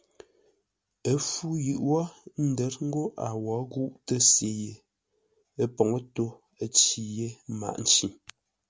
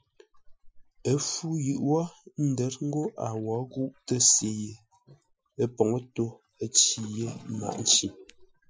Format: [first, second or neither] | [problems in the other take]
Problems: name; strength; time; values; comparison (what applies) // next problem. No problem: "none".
first | noise reduction (classical method Wiener filter)